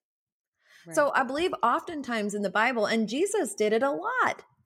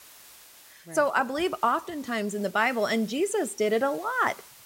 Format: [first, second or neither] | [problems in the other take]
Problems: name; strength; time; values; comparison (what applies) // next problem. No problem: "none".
first | hiss; faint; throughout; 20 dB below the speech